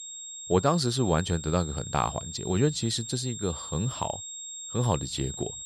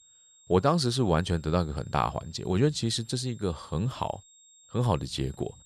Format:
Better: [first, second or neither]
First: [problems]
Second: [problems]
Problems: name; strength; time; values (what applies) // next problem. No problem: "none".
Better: second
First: high-pitched whine; loud; throughout; 7.5 kHz, 9 dB below the speech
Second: high-pitched whine; faint; throughout; 7.5 kHz, 25 dB below the speech